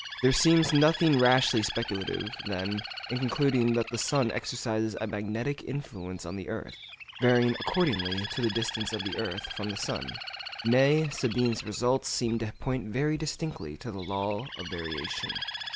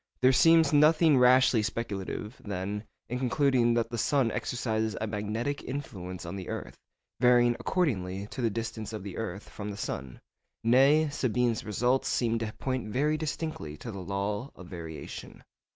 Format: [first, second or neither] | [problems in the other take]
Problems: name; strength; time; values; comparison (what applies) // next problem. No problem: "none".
second | background sound (Bird); 10 dB below the speech